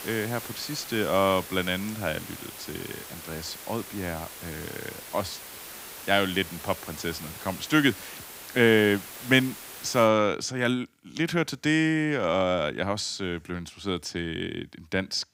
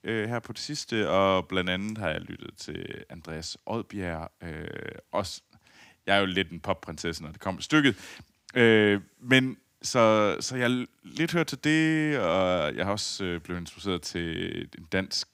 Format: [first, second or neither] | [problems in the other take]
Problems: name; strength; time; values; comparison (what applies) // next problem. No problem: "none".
second | hiss; noticeable; until 10 s; 10 dB below the speech